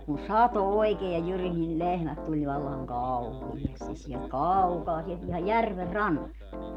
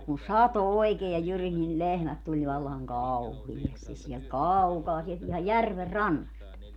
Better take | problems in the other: second | background sound (Piano); 12 dB below the speech

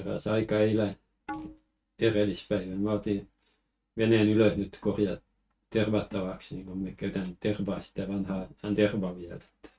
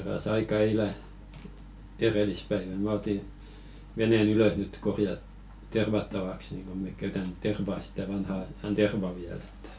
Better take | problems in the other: second | noise reduction (neural mask model RNNoise)

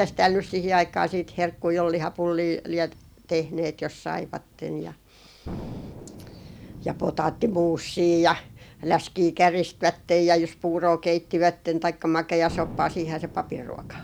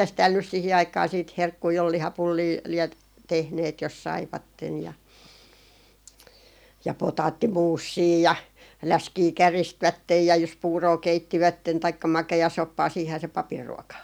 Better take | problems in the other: second | background sound (Thunder); 18 dB below the speech

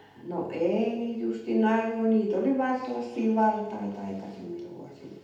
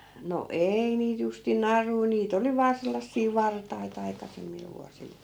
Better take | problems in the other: second | room echo; dies away in 0.8 s

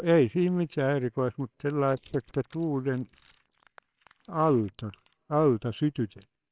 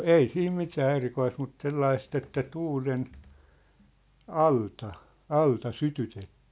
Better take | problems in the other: second | noise reduction (neural separator model SepFormer WHAMR!)

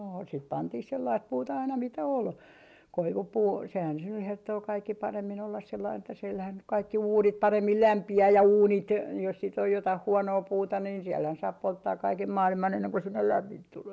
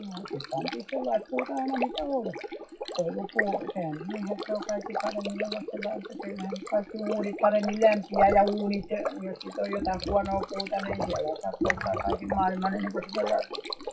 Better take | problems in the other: first | noise reduction (classical method WPE with log-MMSE)

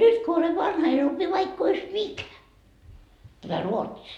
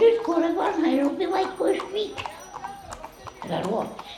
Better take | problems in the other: first | background sound (Livestock, farm animals, working animals); 15 dB below the speech

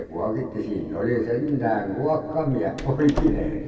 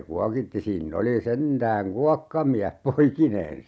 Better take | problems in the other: second | background sound (Door); 11 dB below the speech // room echo; dies away in 2 s

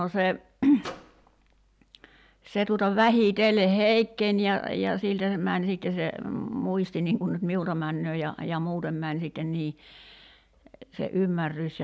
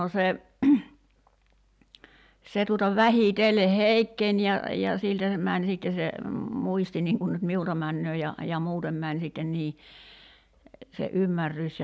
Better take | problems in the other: second | background sound (Microwave oven); 17 dB below the speech

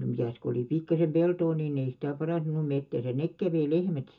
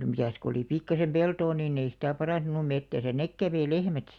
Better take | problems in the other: second | room echo; dies away in 0.2 s

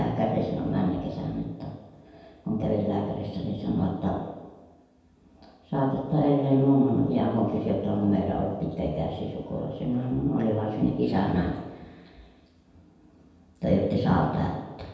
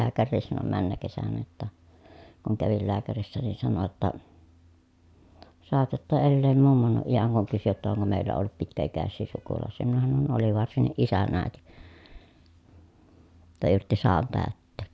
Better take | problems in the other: second | room echo; dies away in 1.1 s

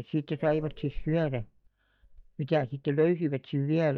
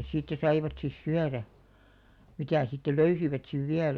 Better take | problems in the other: second | noise reduction (neural mask model DeepFilterNet 3)

